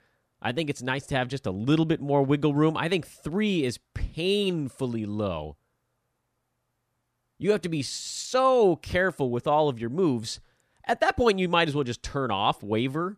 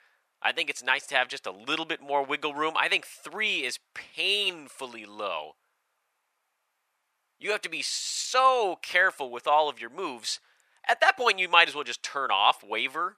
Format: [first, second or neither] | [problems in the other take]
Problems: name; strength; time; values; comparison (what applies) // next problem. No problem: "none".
first | thin; very; fading below 900 Hz